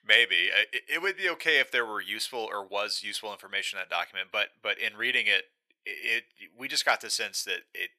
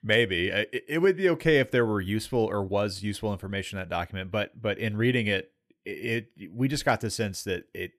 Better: second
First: thin; very; fading below 900 Hz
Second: none

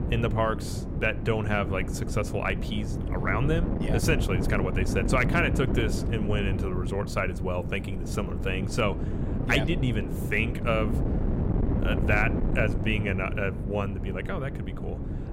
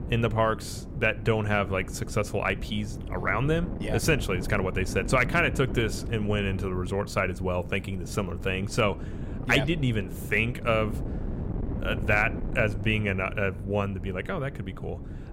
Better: second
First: wind noise on the microphone; heavy; 8 dB below the speech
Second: wind noise on the microphone; occasional gusts; 15 dB below the speech

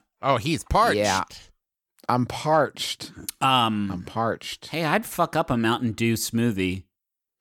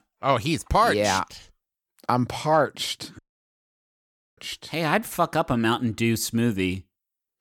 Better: first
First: none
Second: audio cutting out; at 3 s for 1 s

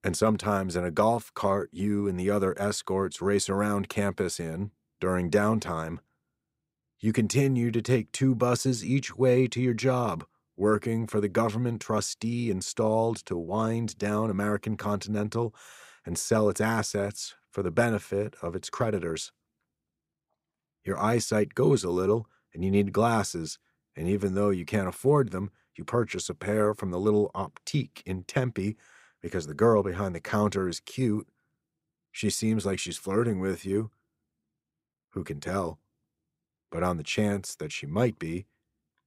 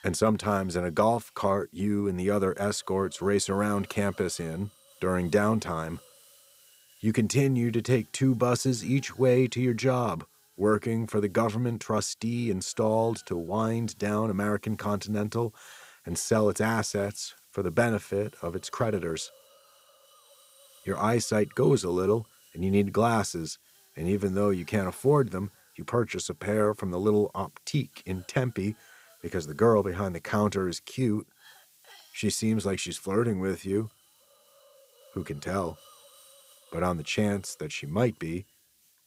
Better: first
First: none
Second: hiss; faint; throughout; 30 dB below the speech

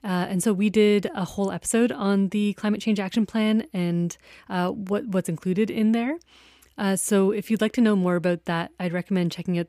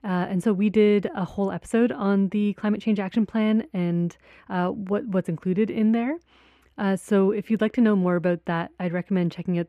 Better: first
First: none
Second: muffled; slightly; fading above 3.5 kHz

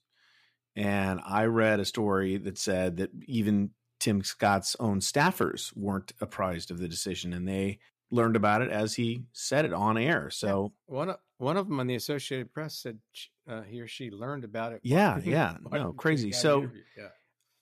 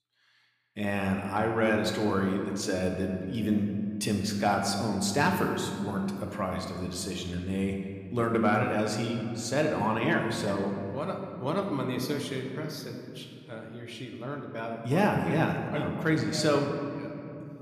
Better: first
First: none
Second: room echo; slight; dies away in 2.2 s

